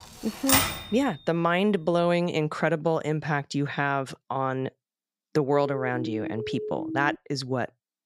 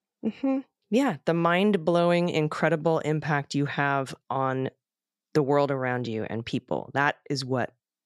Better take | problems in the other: second | keyboard typing; loud; at 0.5 s; peak 6 dB above the speech // siren; noticeable; from 5.5 to 7 s; peak 6 dB below the speech

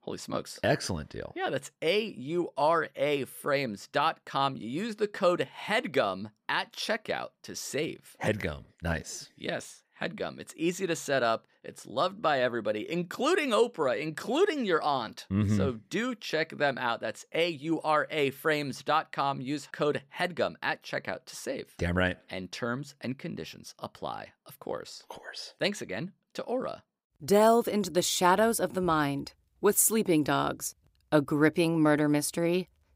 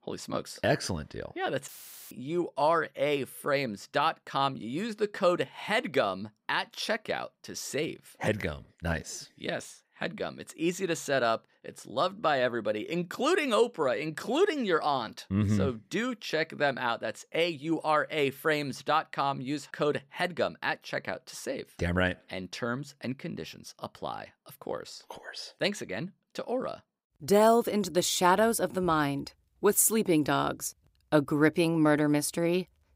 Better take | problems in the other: first | audio cutting out; filled with static; at 1.5 s

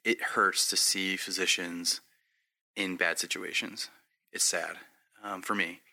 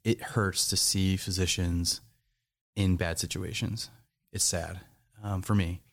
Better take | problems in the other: second | thin; very; fading below 250 Hz

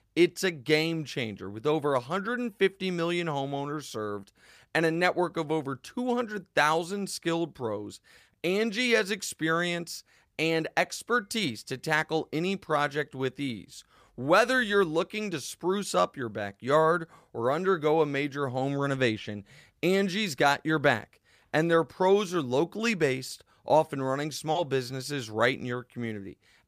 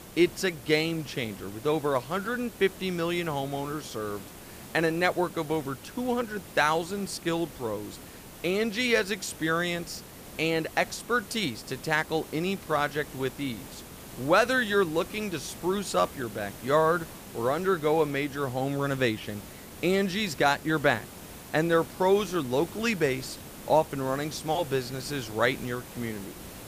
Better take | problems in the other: first | hiss; noticeable; throughout; 15 dB below the speech

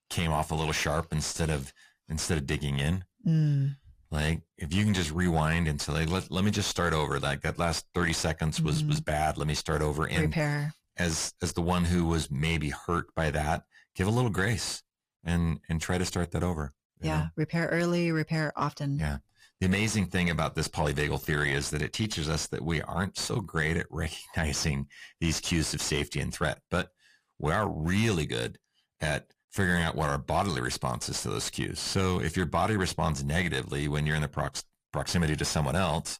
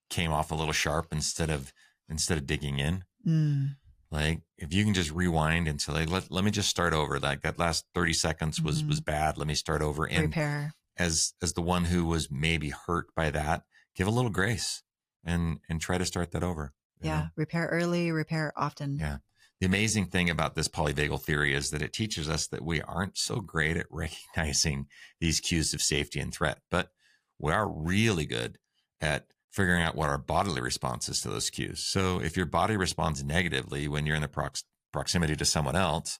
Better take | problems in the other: second | distortion; slight; 10 dB below the speech

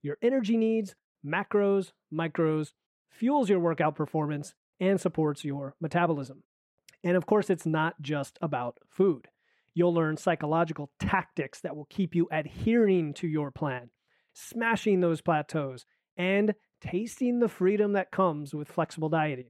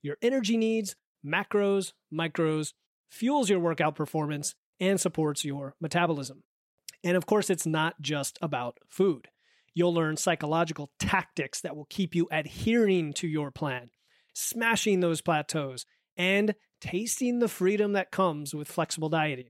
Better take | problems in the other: second | muffled; slightly; fading above 3 kHz

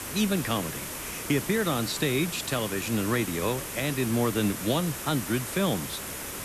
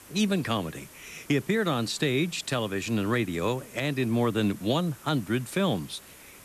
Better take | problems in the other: second | hiss; loud; throughout; 6 dB below the speech; faint in the second

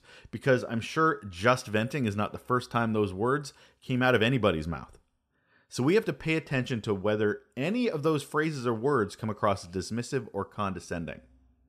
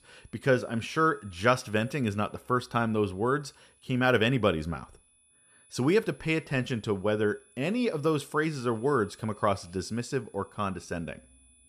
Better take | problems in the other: first | high-pitched whine; faint; throughout; 10 kHz, 30 dB below the speech

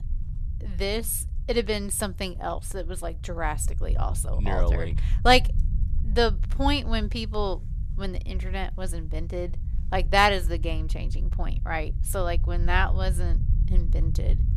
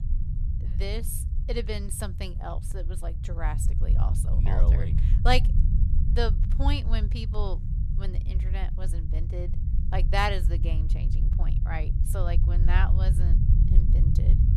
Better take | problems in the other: first | low rumble; loud; throughout; 10 dB below the speech; faint in the first

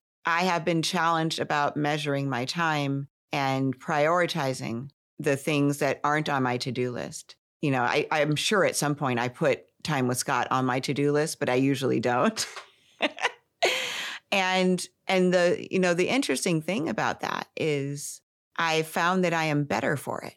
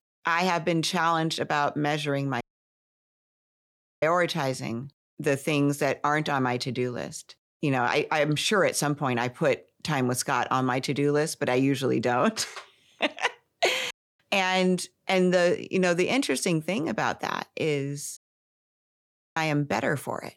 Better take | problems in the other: first | audio cutting out; at 2.5 s for 1.5 s, at 14 s and at 18 s for 1 s

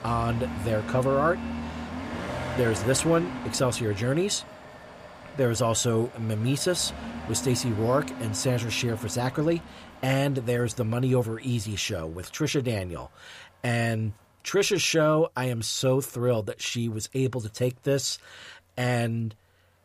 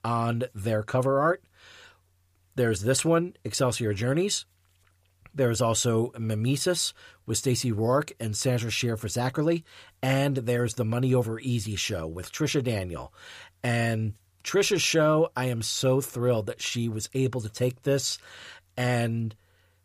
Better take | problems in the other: second | traffic noise; noticeable; throughout; 10 dB below the speech

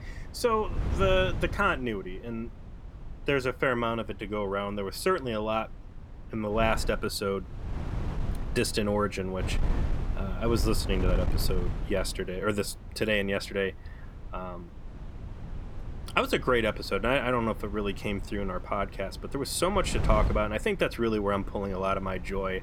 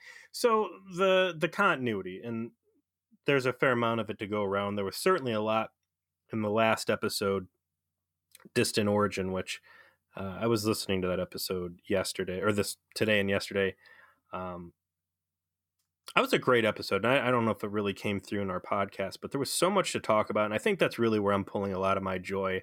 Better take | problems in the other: second | wind noise on the microphone; occasional gusts; 15 dB below the speech

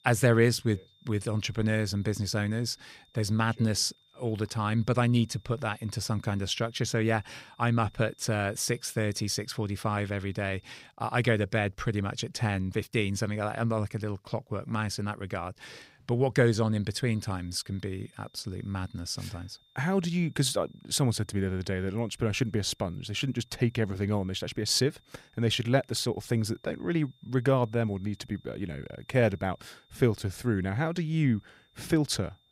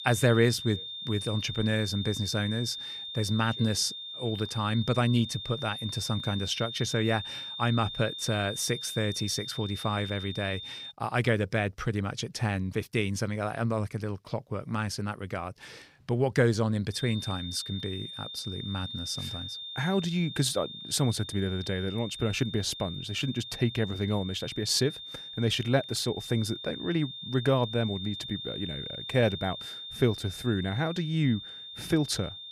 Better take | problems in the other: first | high-pitched whine; loud; until 11 s and from 17 s on; 3.5 kHz, 8 dB below the speech; faint in the first

